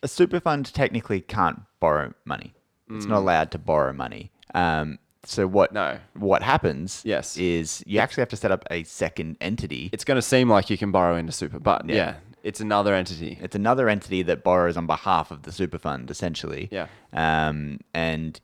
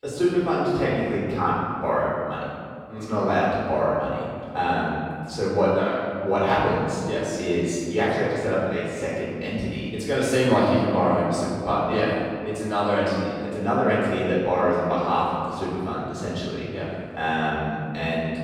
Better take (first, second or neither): first